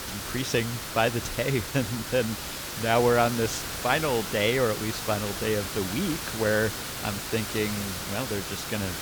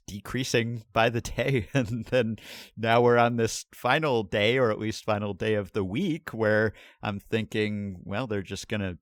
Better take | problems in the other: second | hiss; loud; throughout; 5 dB below the speech

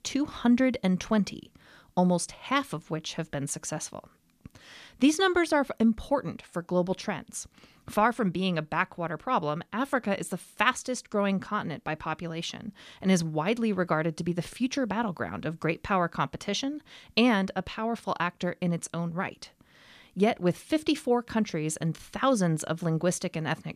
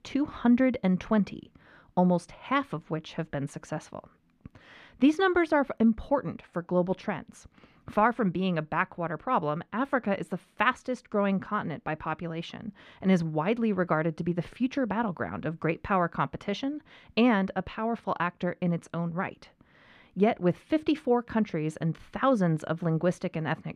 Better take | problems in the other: first | muffled; slightly; fading above 4 kHz

